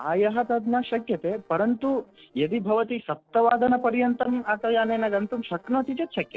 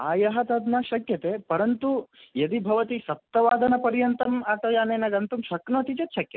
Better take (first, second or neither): second